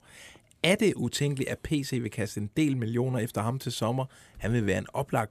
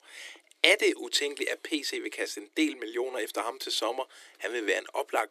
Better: first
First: none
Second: thin; very; fading below 300 Hz

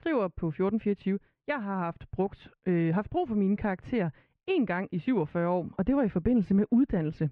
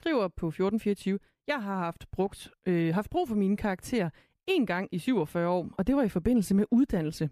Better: second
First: muffled; very; fading above 2.5 kHz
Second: none

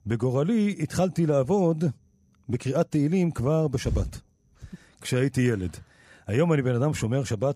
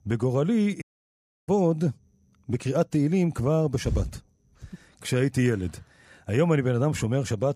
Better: first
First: none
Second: audio cutting out; at 1 s for 0.5 s

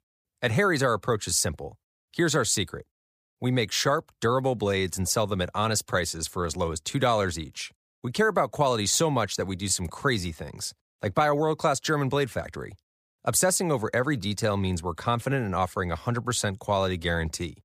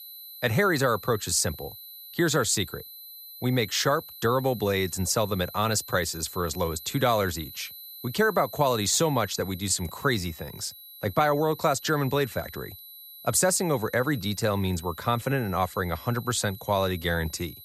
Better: first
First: none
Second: high-pitched whine; noticeable; throughout; 12 kHz, 15 dB below the speech

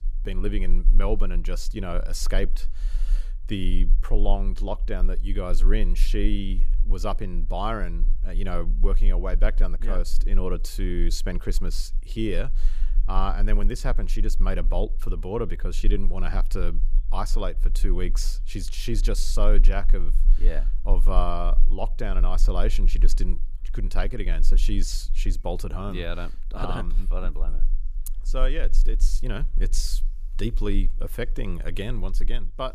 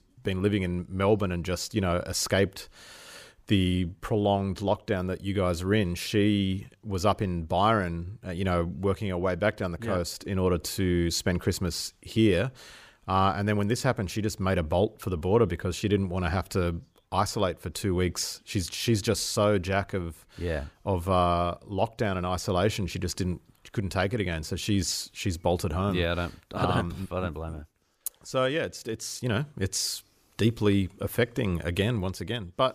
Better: second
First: low rumble; faint; throughout; 25 dB below the speech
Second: none

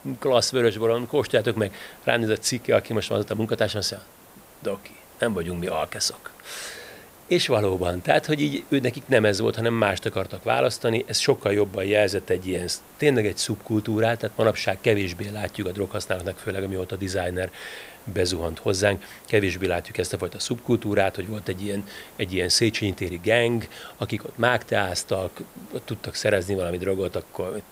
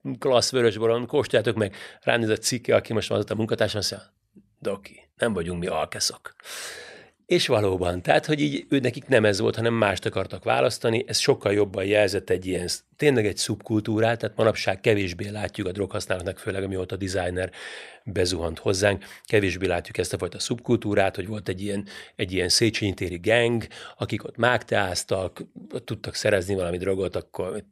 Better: second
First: hiss; faint; throughout; 25 dB below the speech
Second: none

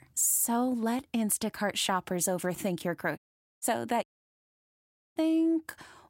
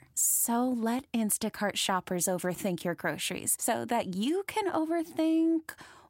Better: second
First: audio cutting out; at 3 s and at 4 s for 1 s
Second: none

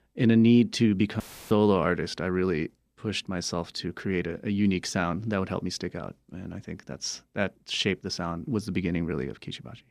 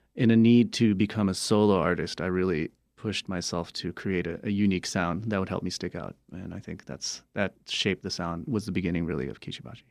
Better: second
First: audio cutting out; filled with static; at 1 s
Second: none

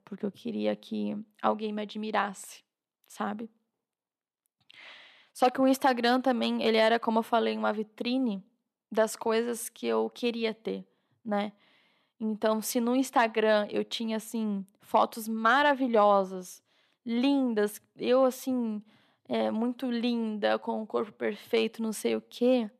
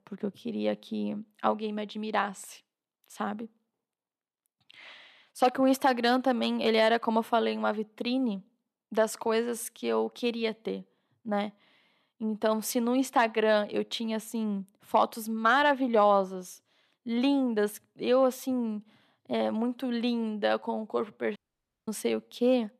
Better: first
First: none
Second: audio cutting out; at 21 s for 0.5 s

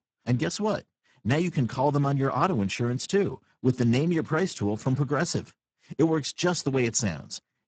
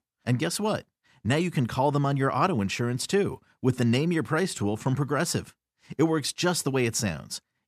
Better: second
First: garbled, watery; badly; nothing above 7.5 kHz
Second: none

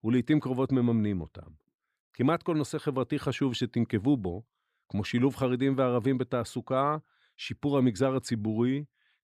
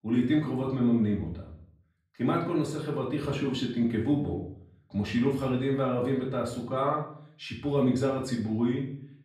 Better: first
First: none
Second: off-mic speech; far // room echo; slight; dies away in 0.5 s

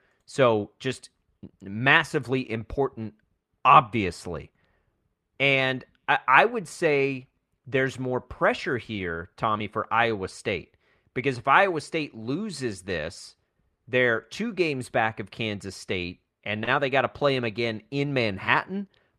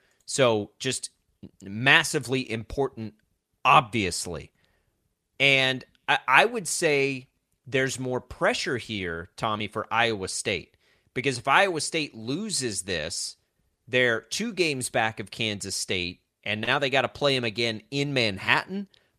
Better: second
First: muffled; slightly; fading above 3.5 kHz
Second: none

